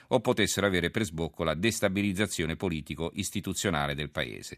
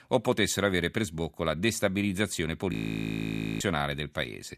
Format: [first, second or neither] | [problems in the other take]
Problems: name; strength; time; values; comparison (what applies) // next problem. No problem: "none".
first | audio freezing; at 2.5 s for 1 s